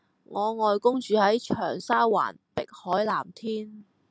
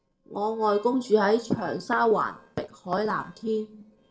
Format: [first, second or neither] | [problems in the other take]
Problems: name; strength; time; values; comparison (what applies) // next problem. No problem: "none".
first | noise reduction (neural separator model SepFormer DNS4)